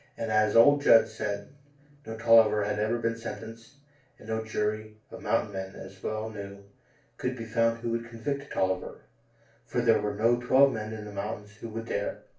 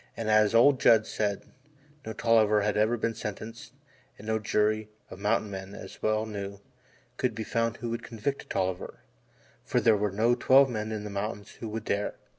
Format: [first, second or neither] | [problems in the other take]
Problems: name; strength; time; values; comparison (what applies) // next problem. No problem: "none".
second | room echo; dies away in 0.3 s